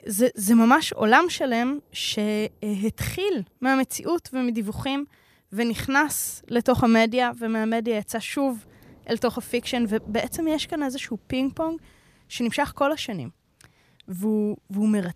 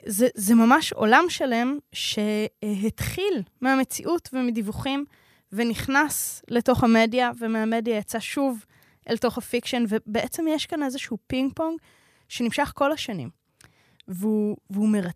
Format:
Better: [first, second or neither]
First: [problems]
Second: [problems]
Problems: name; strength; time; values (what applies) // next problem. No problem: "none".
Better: second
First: rain or running water; faint; throughout; 30 dB below the speech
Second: none